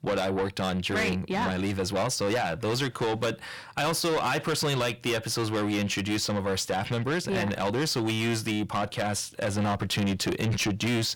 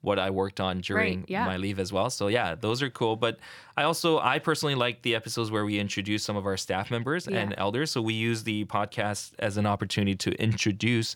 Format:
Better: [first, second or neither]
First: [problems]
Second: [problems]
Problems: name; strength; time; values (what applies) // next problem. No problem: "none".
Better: second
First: distortion; heavy; 6 dB below the speech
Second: none